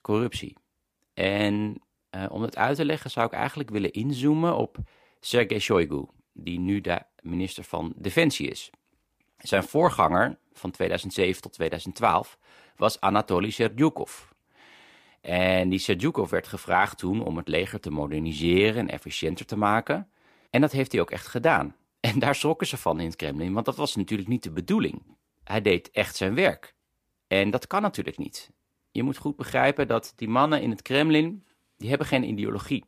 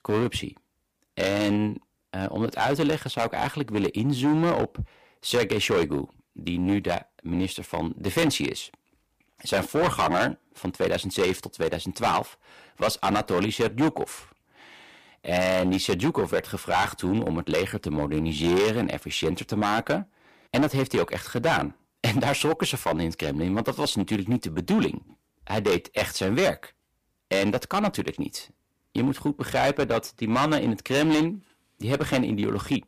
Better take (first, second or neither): first